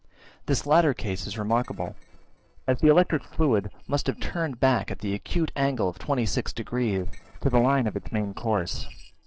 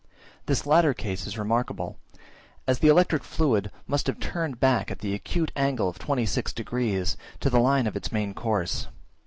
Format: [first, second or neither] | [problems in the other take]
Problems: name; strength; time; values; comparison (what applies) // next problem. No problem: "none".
second | noise reduction (neural separator model SepFormer DNS4)